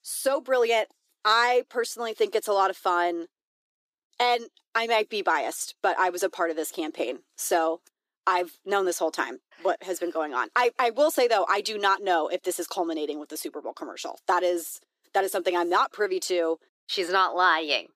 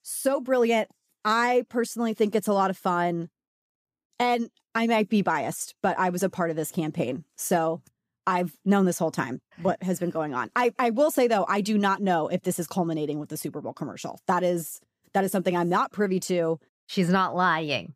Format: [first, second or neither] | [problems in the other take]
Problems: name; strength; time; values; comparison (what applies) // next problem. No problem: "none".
second | thin; very; fading below 350 Hz